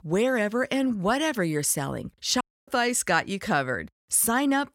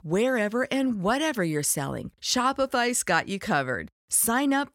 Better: second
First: audio cutting out; at 2.5 s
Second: none

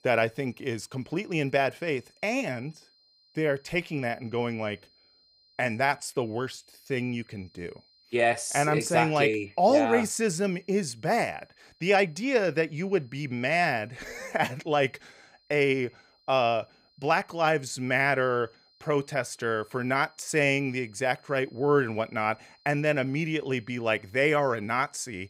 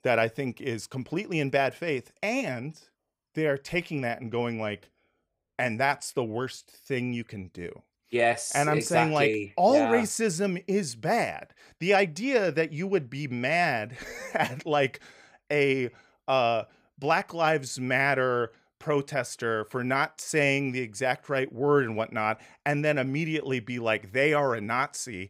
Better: second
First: high-pitched whine; faint; throughout; 4 kHz, 35 dB below the speech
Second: none

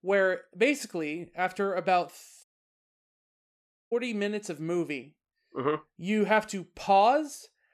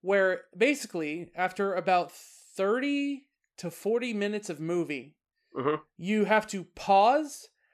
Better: second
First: audio cutting out; at 2.5 s for 1.5 s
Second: none

